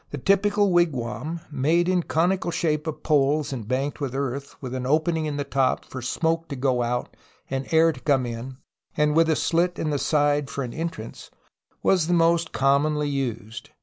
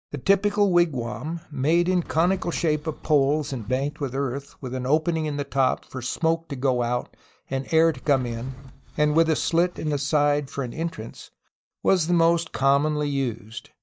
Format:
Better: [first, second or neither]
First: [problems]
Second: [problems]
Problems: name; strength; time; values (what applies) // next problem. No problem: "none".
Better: first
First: none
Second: noise reduction (neural mask model DeepFilterNet 3)